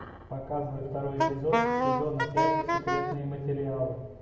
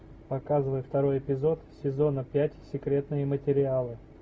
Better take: second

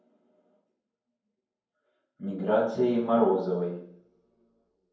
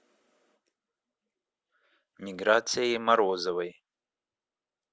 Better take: second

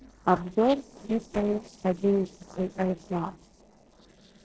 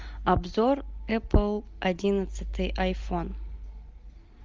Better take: second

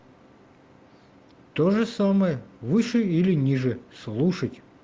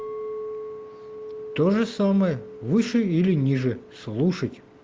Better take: first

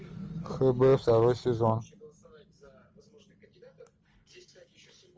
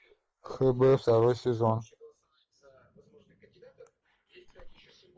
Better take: first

